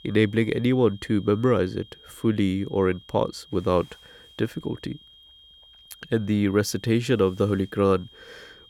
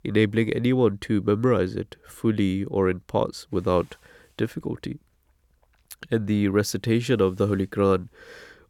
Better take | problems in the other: second | high-pitched whine; faint; throughout; 3 kHz, 25 dB below the speech

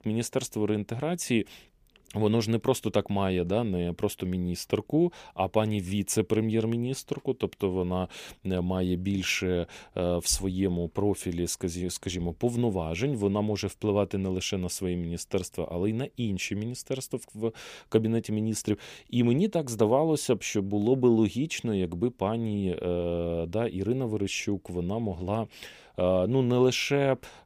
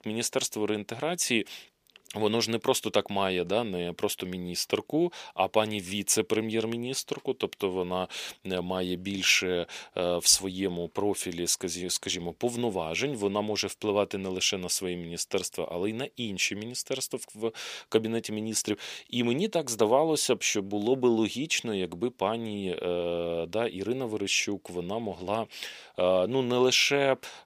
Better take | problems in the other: first | thin; very slightly; fading below 1 kHz

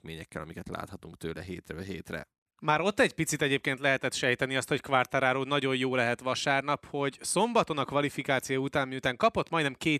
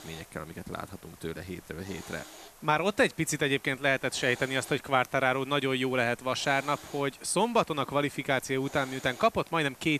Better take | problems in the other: first | hiss; faint; throughout; 20 dB below the speech

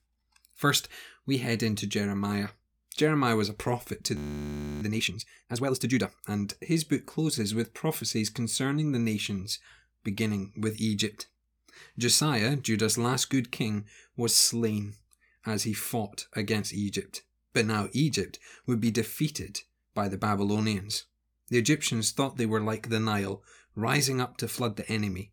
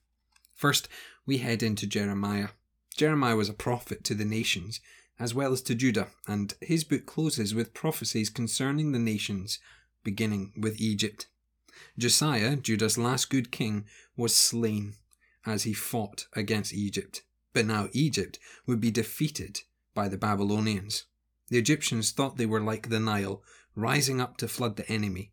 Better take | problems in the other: second | audio freezing; at 4 s for 0.5 s

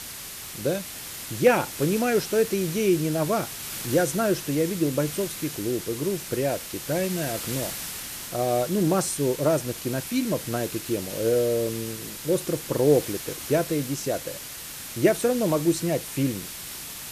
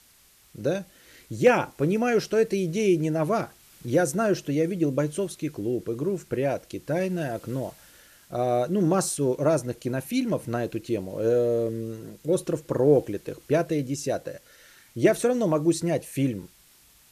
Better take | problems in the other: second | hiss; loud; throughout; 8 dB below the speech; faint in the second

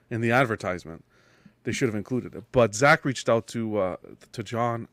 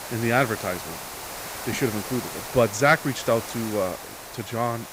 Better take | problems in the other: first | hiss; loud; throughout; 9 dB below the speech

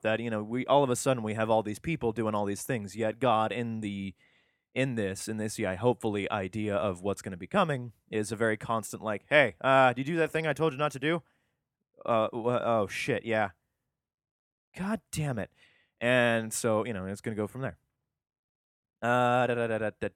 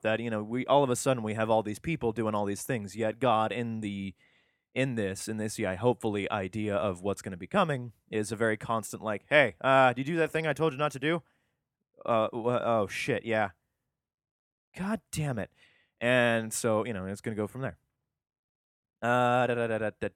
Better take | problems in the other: neither | none

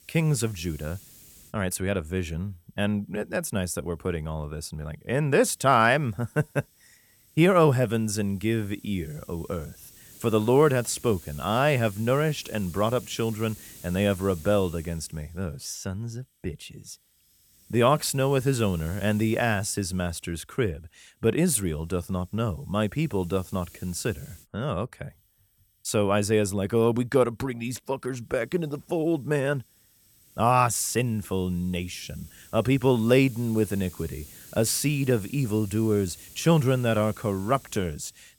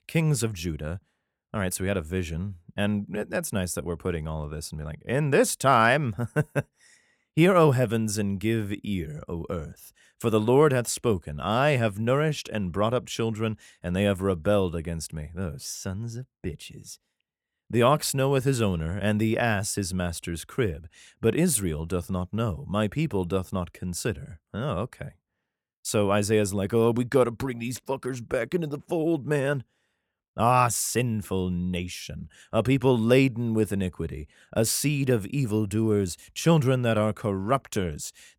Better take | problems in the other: second | hiss; faint; throughout; 20 dB below the speech

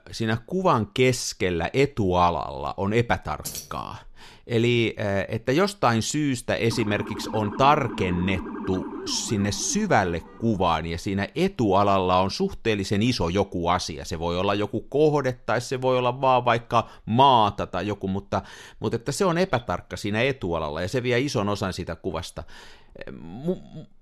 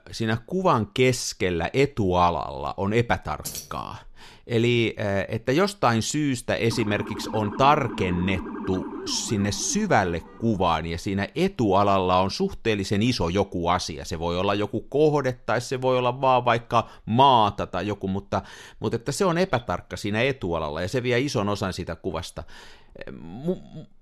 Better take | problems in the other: neither | jangling keys; noticeable; at 3.5 s; peak 9 dB below the speech; the same in both // siren; noticeable; from 6.5 to 11 s; peak 9 dB below the speech; the same in both

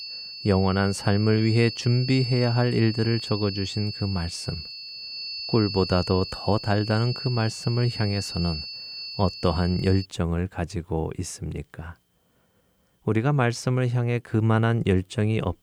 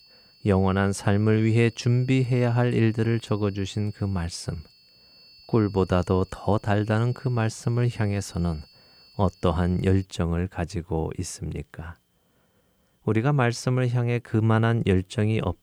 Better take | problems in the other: second | high-pitched whine; loud; until 10 s; 4.5 kHz, 9 dB below the speech; faint in the second

